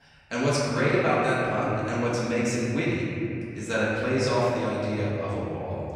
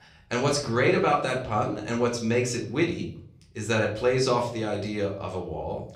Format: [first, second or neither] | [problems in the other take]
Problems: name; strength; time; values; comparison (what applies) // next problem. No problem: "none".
second | room echo; strong; dies away in 2.9 s; slight in the second // off-mic speech; far; somewhat distant in the second